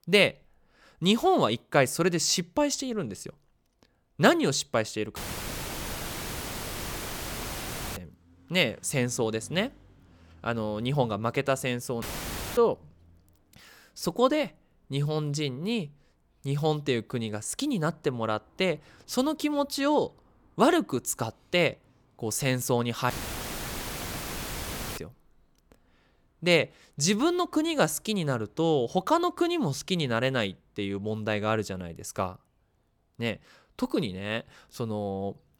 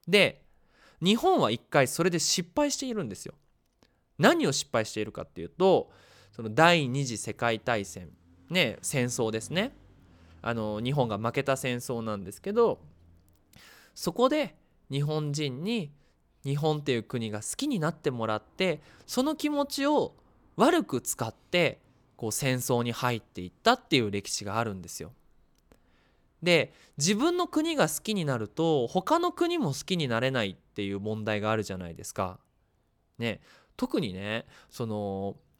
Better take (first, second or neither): second